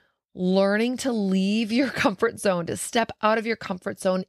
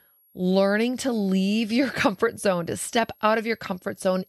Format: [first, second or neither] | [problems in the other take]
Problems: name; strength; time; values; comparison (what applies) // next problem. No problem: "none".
first | high-pitched whine; faint; throughout; 11.5 kHz, 35 dB below the speech